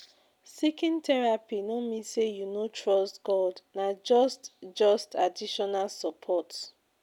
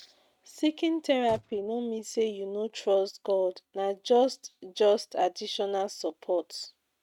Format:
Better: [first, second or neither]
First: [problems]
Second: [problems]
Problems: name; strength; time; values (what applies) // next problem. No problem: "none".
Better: first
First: none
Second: noise reduction (neural mask model RNNoise)